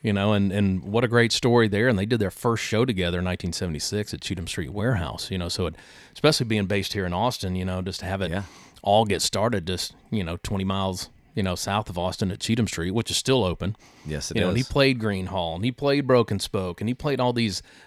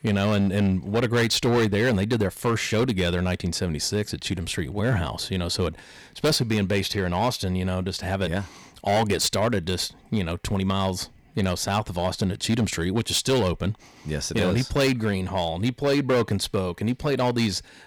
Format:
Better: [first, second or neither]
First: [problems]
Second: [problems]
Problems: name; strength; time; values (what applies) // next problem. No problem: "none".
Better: first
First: none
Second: distortion; slight; 7% of the sound clipped